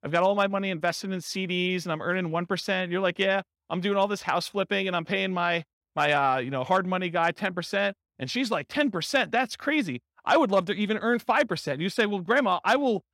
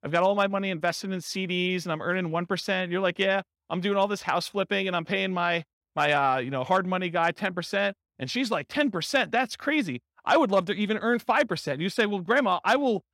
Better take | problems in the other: neither | none

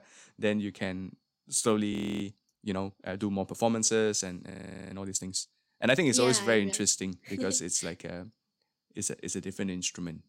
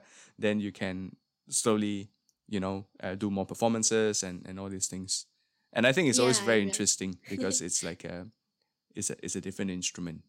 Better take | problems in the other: second | audio freezing; at 2 s and at 4.5 s

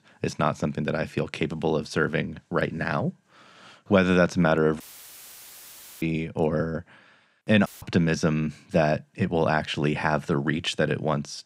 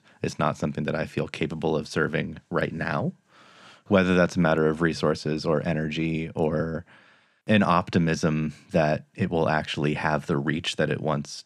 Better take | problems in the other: second | audio cutting out; filled with static; at 5 s for 1 s and at 7.5 s

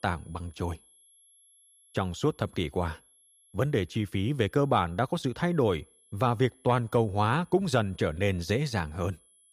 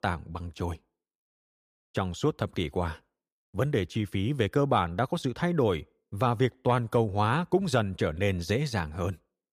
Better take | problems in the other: second | high-pitched whine; faint; throughout; 11 kHz, 30 dB below the speech

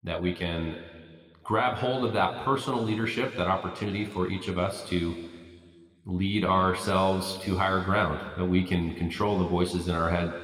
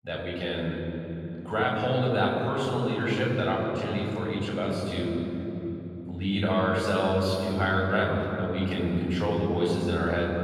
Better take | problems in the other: first | room echo; strong; dies away in 3 s; slight in the first // off-mic speech; far

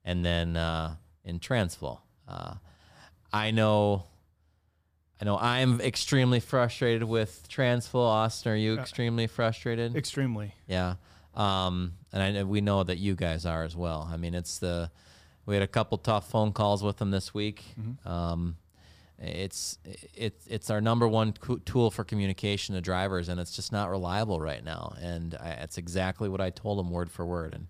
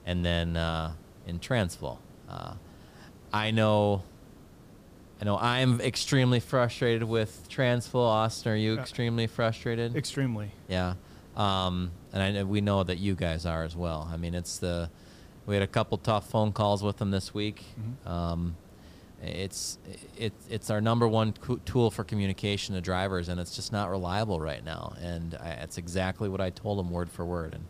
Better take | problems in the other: first | hiss; faint; throughout; 25 dB below the speech

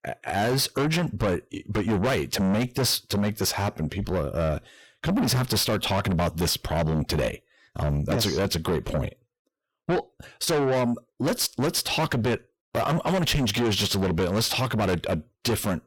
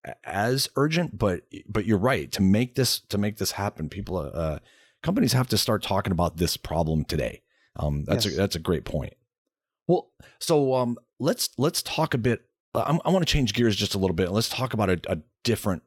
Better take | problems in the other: second | distortion; heavy; 6 dB below the speech

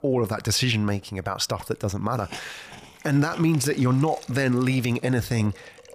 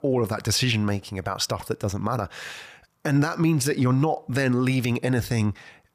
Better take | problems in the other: second | hiss; noticeable; throughout; 20 dB below the speech

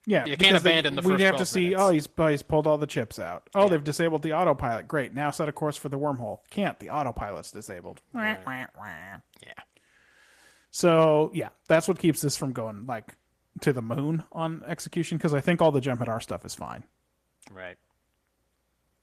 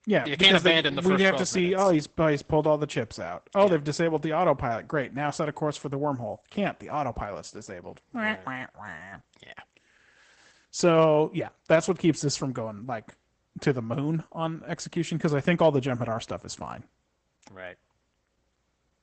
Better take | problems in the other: first | garbled, watery; badly; nothing above 8 kHz; slightly in the first

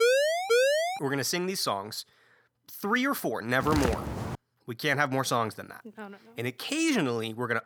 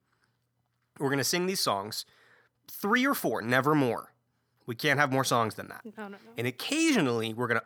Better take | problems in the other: second | siren; loud; at the start; peak 6 dB above the speech // footsteps; noticeable; at 3.5 s; peak 2 dB below the speech

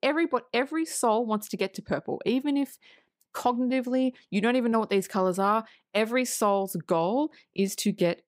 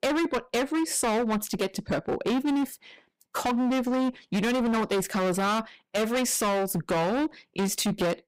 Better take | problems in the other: first | distortion; heavy; 26% of the sound clipped

